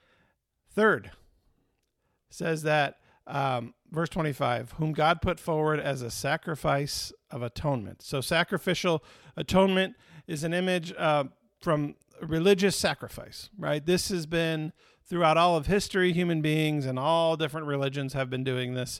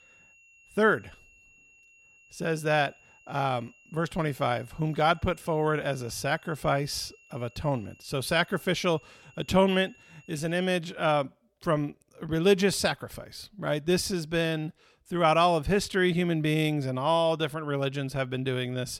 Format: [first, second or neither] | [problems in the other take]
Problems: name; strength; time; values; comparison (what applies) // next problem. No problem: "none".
first | high-pitched whine; faint; until 11 s; 2.5 kHz, 30 dB below the speech